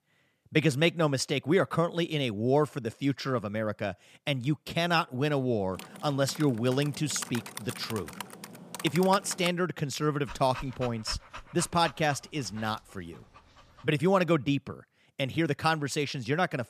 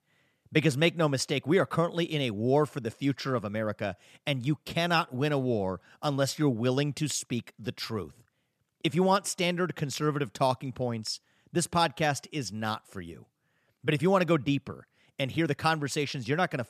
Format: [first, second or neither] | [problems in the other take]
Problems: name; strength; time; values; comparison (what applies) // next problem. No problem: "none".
second | keyboard typing; noticeable; from 5.5 to 9.5 s; peak 9 dB below the speech // dog barking; faint; from 10 to 14 s; peak 10 dB below the speech